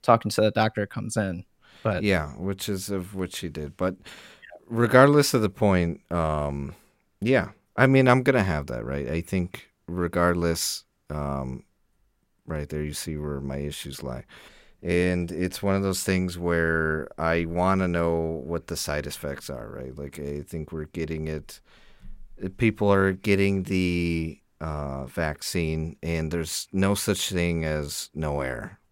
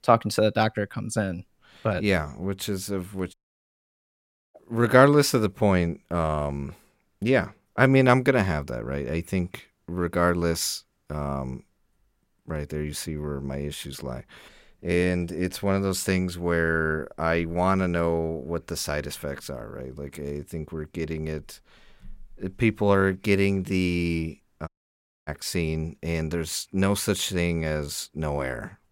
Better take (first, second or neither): first